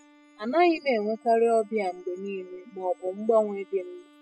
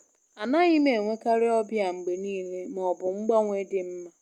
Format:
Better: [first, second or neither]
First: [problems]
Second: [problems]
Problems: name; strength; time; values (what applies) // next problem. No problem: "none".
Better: second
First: noise reduction (classical method spectral subtraction)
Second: none